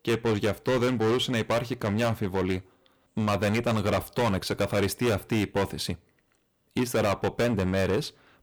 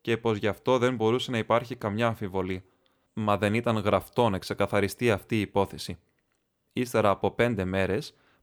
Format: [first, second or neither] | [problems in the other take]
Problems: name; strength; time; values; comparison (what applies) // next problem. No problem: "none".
second | distortion; heavy; 17% of the sound clipped